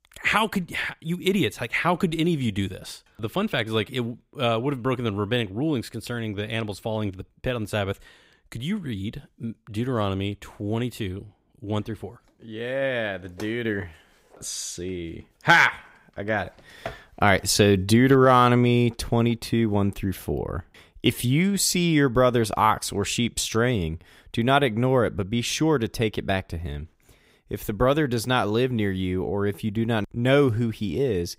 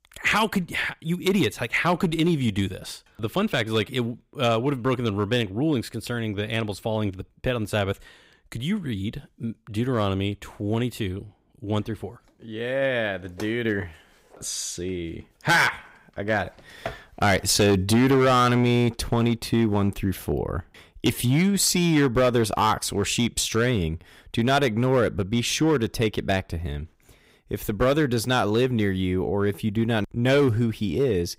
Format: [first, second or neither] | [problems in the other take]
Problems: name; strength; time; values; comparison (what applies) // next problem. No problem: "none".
first | distortion; slight; 4% of the sound clipped